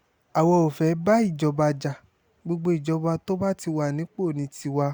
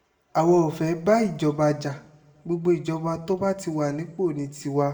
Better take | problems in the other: first | room echo; dies away in 0.6 s

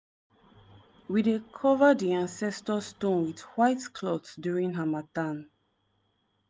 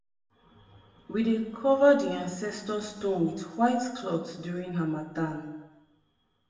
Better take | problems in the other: first | room echo; dies away in 1 s

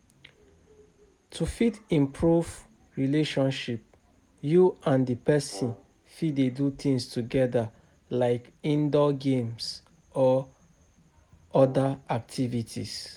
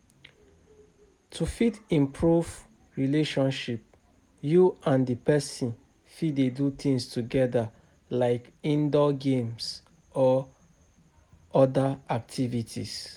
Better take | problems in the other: second | background sound (Brass instrument); 18 dB below the speech

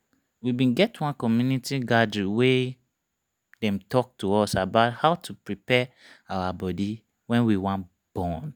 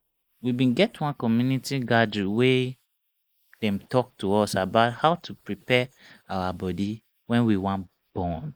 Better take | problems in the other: first | noise reduction (neural mask model Resemble Enhance denoiser)

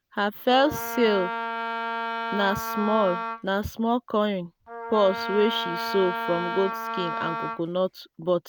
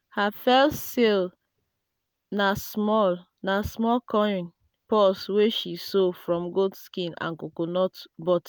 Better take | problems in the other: second | background sound (Wind instrument, woodwind instrument); 5 dB below the speech

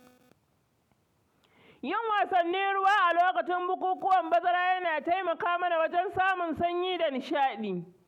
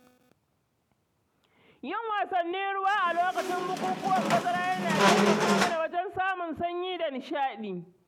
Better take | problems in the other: first | background sound (Squeak); 3 dB above the speech

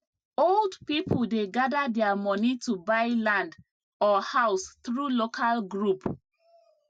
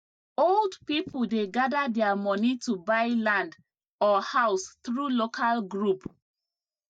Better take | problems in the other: first | noise reduction (neural mask model DeepFilterNet 3)

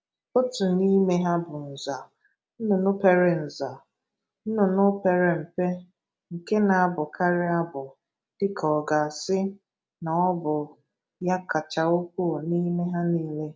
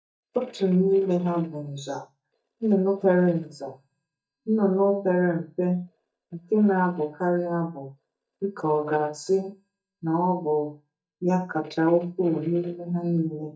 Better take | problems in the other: first | noise reduction (neural mask model DeepFilterNet 3)

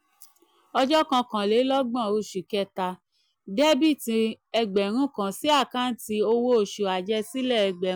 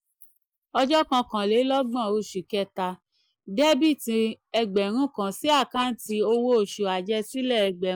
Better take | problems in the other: first | noise reduction (neural mask model Resemble Enhance denoiser)

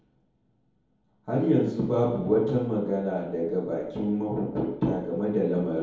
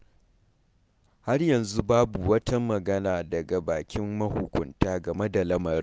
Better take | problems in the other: second | room echo; dies away in 1.9 s

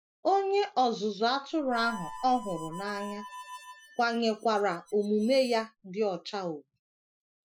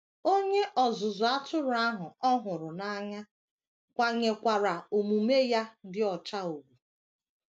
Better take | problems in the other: second | noise reduction (classical method Wiener filter)

